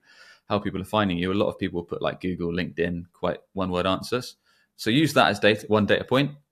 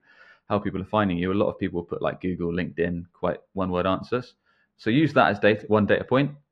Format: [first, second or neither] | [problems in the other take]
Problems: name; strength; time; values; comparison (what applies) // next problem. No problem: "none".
first | muffled; slightly; fading above 2.5 kHz